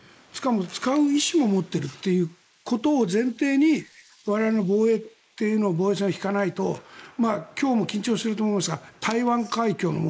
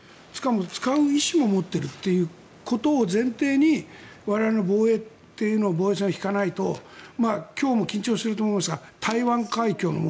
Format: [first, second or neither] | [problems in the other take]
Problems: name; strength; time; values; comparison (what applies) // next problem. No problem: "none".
second | noise reduction (neural mask model Resemble Enhance denoiser)